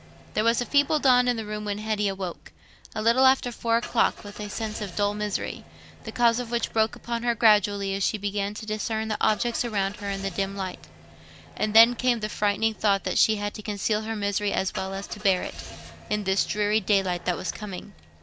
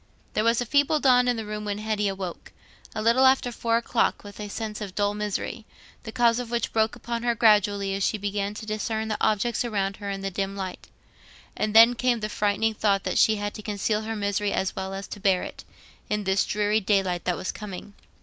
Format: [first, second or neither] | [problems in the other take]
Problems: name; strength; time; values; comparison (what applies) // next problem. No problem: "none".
second | background sound (Engine starting / Car); 19 dB below the speech